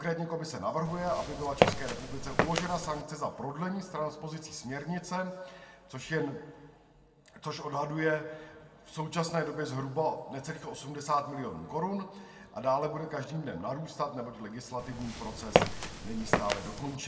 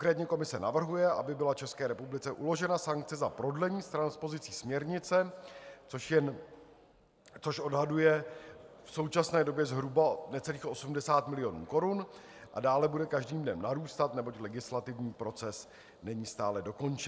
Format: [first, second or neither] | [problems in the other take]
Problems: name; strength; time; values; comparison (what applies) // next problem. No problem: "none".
second | background sound (Walk, footsteps); 3 dB above the speech // room echo; dies away in 1.2 s